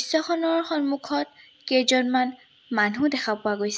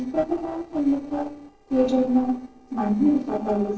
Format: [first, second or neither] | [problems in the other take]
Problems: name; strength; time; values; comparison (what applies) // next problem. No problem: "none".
first | noise reduction (neural separator model SepFormer DNS4)